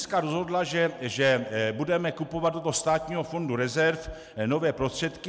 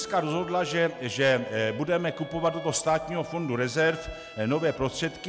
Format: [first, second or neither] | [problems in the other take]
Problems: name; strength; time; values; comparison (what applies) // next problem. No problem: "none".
first | background sound (Bowed string instrument); 15 dB below the speech